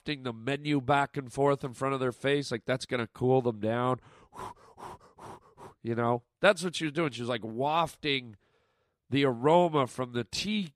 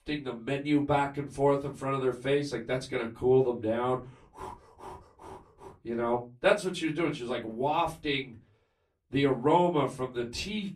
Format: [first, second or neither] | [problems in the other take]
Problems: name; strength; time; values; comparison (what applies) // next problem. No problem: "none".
first | off-mic speech; far // room echo; very slight; dies away in 0.2 s